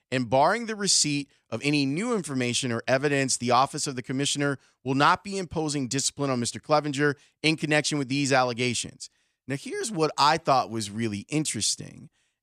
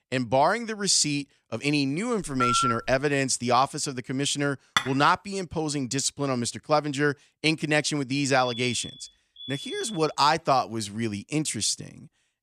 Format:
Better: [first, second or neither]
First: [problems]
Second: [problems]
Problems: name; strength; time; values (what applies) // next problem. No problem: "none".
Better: first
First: none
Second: phone ringing; loud; at 2 s; peak 2 dB above the speech // clattering dishes; noticeable; at 5 s; peak 2 dB below the speech // alarm; noticeable; from 8.5 to 10 s; peak 10 dB below the speech